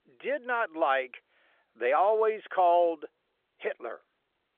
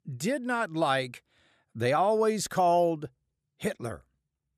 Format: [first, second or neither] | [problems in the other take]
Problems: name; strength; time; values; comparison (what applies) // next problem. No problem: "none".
second | phone-call audio; nothing above 3.5 kHz